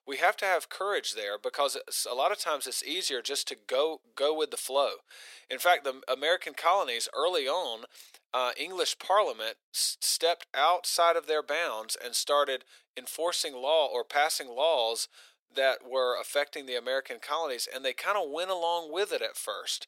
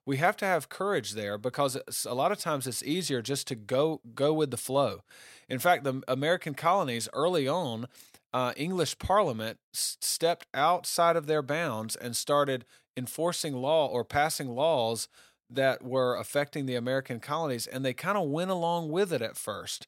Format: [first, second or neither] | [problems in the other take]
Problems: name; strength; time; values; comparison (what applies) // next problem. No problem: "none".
second | thin; very; fading below 400 Hz